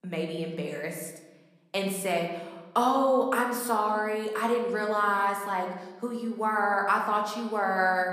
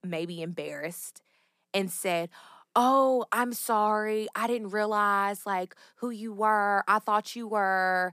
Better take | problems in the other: second | room echo; slight; dies away in 1 s

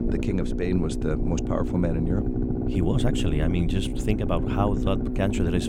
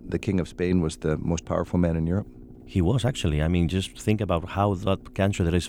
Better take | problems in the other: second | low rumble; loud; throughout; 3 dB below the speech; faint in the second

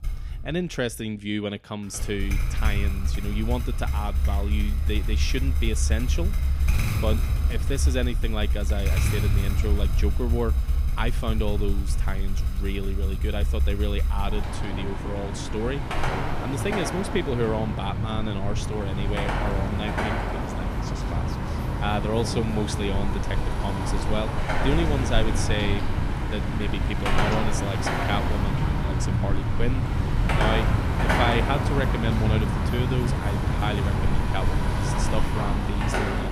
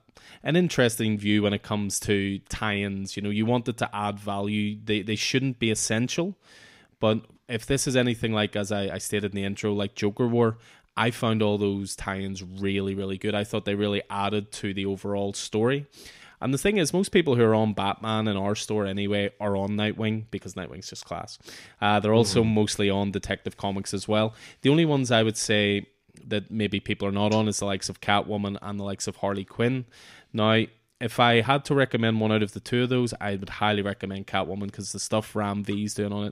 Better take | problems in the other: second | traffic noise; very loud; throughout; 4 dB above the speech

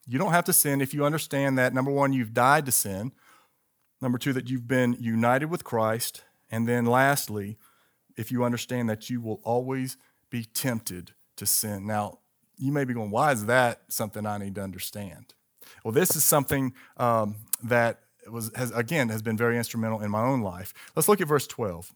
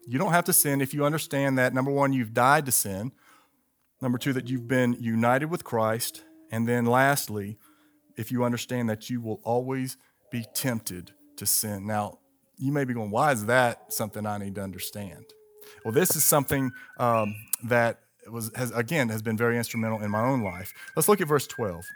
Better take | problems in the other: first | animal sounds; faint; throughout; 20 dB below the speech

